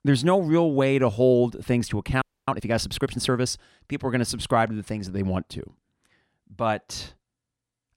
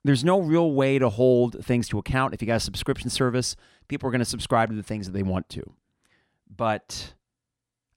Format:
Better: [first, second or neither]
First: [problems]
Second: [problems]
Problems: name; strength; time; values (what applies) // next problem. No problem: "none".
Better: second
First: audio freezing; at 2 s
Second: none